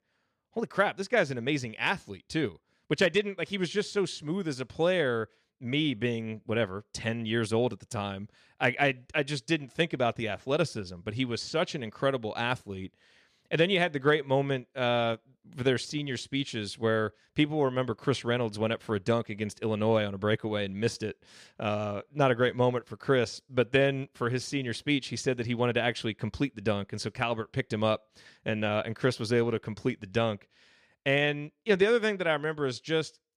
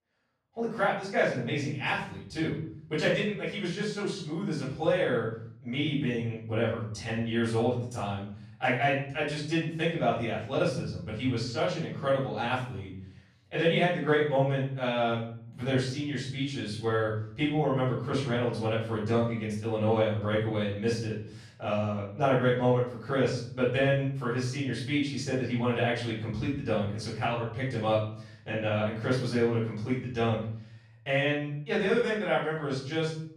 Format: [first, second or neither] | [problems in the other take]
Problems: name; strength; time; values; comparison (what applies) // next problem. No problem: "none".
first | off-mic speech; far // room echo; noticeable; dies away in 0.7 s